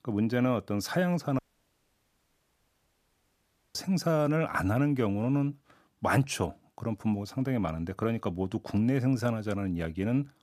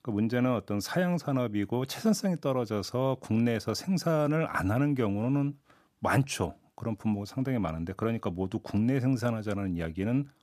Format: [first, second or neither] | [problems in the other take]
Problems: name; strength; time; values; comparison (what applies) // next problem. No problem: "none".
second | audio cutting out; at 1.5 s for 2.5 s